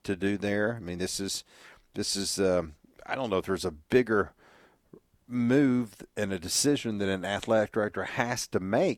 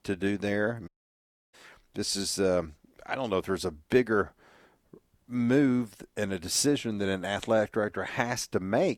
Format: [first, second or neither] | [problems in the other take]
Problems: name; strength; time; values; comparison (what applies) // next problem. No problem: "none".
first | audio cutting out; at 1 s for 0.5 s